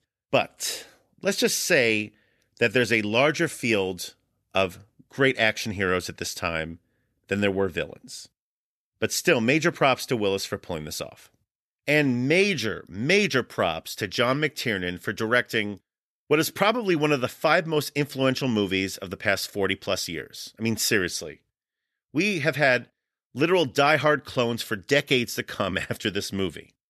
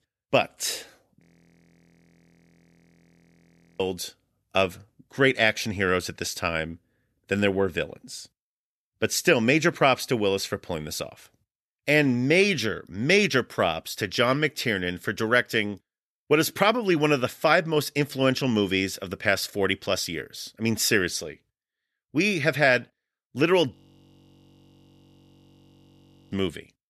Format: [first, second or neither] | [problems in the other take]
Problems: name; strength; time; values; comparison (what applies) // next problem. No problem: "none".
first | audio freezing; at 1 s for 2.5 s and at 24 s for 2.5 s